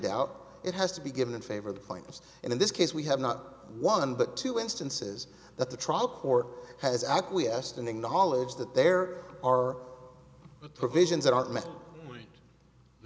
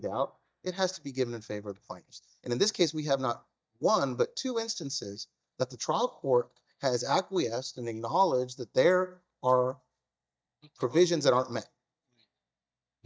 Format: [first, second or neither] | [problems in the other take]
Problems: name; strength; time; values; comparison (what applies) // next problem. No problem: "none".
first | noise reduction (neural mask model DeepFilterNet 3)